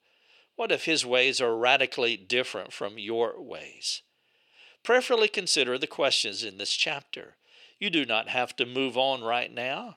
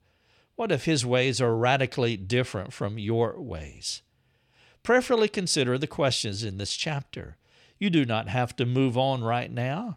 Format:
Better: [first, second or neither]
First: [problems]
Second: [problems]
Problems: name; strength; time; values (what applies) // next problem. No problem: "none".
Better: second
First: thin; somewhat; fading below 400 Hz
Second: none